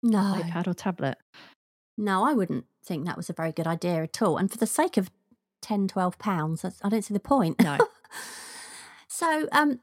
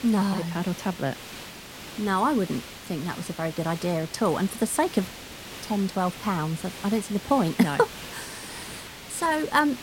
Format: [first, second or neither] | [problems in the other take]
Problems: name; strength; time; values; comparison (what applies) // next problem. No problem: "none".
first | hiss; noticeable; throughout; 10 dB below the speech